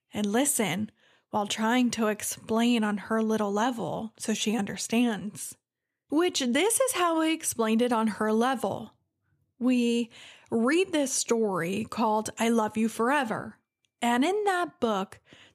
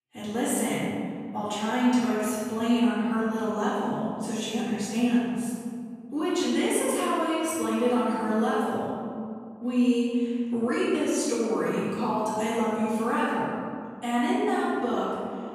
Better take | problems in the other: first | off-mic speech; far // room echo; strong; dies away in 2 s

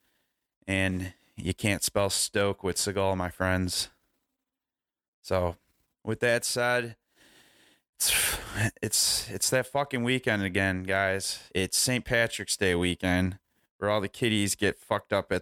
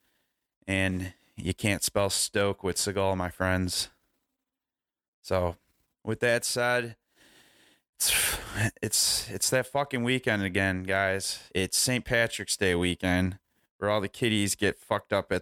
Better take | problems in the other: neither | none

